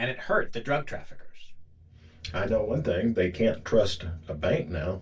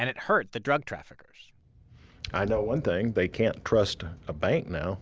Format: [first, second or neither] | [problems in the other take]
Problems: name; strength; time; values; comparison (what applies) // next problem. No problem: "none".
second | room echo; dies away in 0.2 s